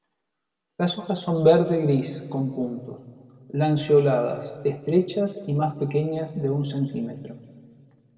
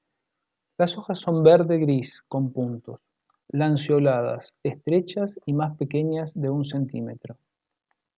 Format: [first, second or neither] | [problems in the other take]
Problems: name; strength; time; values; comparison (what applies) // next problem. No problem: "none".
second | room echo; dies away in 1.6 s